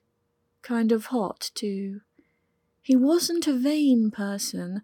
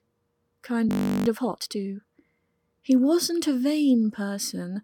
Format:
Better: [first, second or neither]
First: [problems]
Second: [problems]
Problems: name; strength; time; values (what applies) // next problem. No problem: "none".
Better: first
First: none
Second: audio freezing; at 1 s